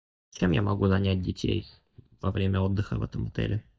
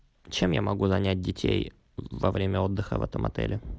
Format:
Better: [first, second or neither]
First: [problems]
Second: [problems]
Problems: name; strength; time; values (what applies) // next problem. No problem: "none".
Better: second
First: noise reduction (neural mask model DeepFilterNet 3)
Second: none